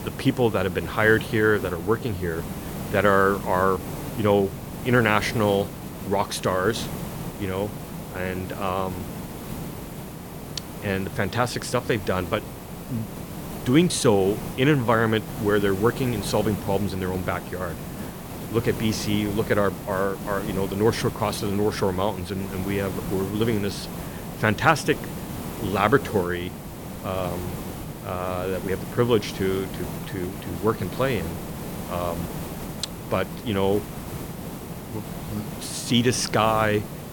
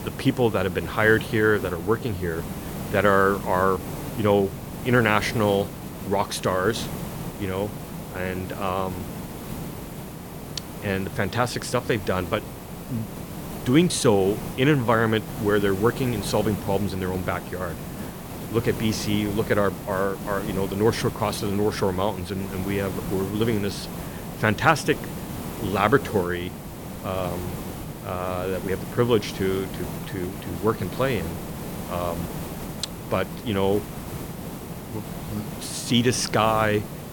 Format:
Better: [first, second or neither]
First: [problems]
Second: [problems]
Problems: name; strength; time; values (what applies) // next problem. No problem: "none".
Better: neither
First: hiss; loud; throughout; 10 dB below the speech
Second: hiss; loud; throughout; 10 dB below the speech